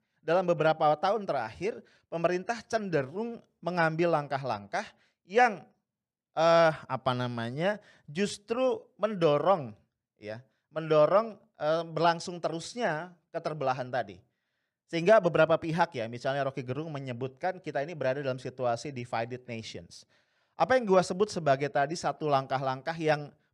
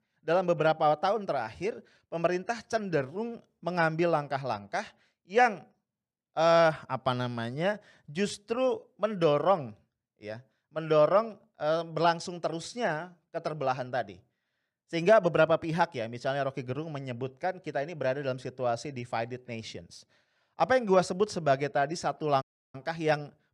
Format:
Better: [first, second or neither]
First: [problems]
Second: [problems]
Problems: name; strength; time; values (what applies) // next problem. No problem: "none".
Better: first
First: none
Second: audio cutting out; at 22 s